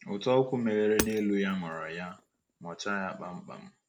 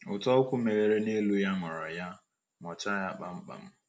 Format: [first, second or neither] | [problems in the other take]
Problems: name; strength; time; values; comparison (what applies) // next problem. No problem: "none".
second | background sound (Hammer); 10 dB below the speech